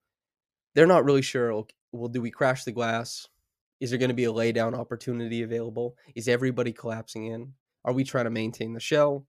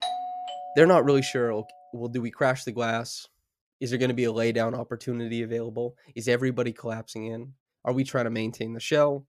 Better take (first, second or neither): first